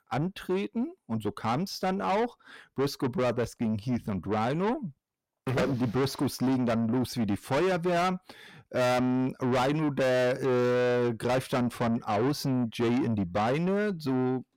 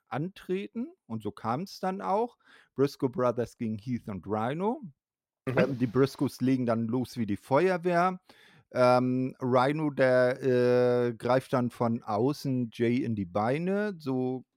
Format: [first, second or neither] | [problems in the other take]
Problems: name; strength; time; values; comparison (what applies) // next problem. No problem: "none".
second | distortion; heavy; 7 dB below the speech